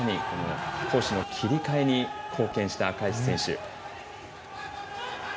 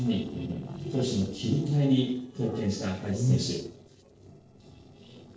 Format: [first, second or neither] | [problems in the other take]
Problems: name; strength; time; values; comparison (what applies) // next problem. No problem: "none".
first | noise reduction (neural separator model SepFormer DNS4)